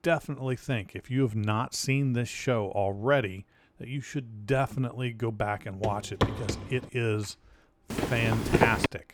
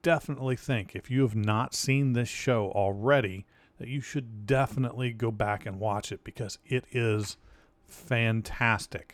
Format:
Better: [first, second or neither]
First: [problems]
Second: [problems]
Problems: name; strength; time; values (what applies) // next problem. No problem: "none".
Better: second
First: footsteps; loud; from 6 to 7 s and at 8 s; peak 5 dB above the speech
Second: none